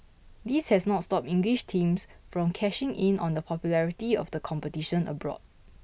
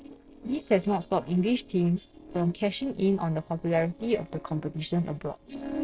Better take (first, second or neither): first